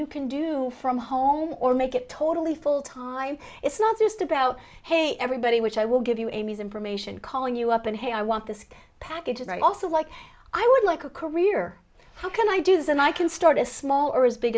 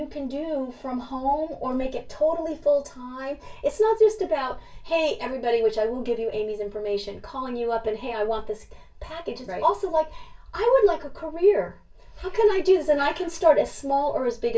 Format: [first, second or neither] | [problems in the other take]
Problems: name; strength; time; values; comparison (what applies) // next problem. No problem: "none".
first | room echo; dies away in 0.2 s